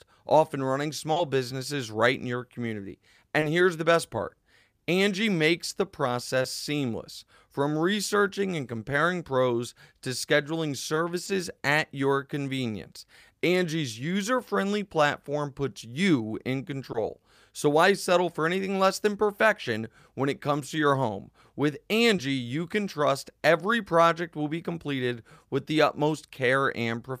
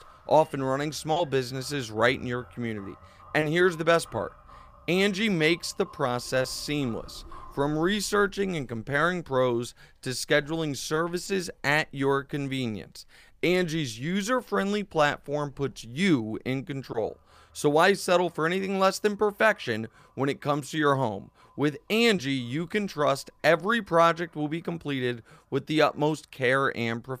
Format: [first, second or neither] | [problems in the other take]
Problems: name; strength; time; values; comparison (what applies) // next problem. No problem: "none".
first | household noises; faint; throughout; 30 dB below the speech